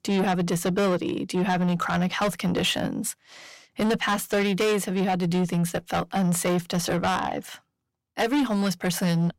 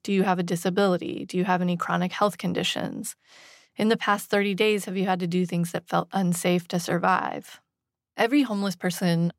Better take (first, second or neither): second